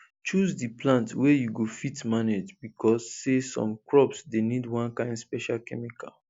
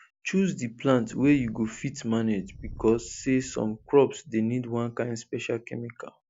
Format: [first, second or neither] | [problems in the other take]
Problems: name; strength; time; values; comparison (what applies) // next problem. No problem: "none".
first | background sound (Wind); 20 dB below the speech